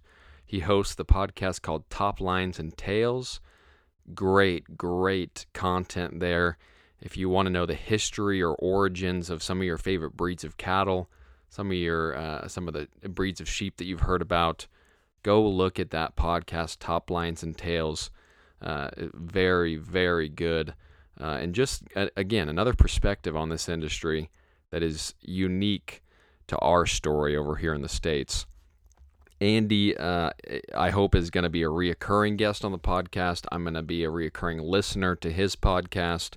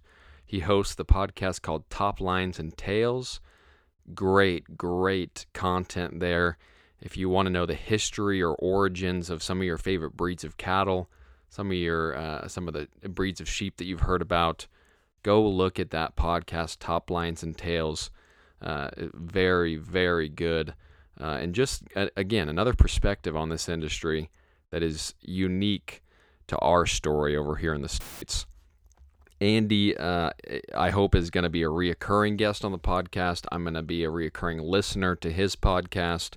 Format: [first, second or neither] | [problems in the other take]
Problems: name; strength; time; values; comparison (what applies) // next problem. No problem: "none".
first | audio cutting out; filled with static; at 28 s